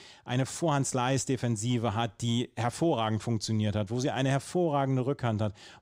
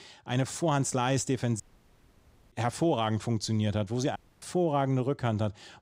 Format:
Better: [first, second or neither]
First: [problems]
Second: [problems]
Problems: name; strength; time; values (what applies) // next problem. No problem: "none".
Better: first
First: none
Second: audio cutting out; at 1.5 s for 1 s and at 4 s